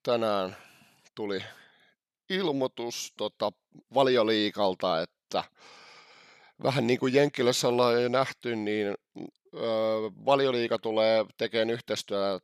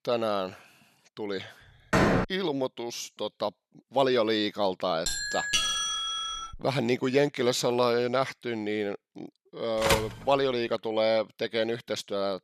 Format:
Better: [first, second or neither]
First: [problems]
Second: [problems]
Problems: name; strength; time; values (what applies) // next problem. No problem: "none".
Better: first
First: none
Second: door banging; loud; at 2 s; peak 5 dB above the speech // doorbell; loud; from 5 to 6.5 s; peak 4 dB above the speech // phone ringing; loud; at 10 s; peak 2 dB above the speech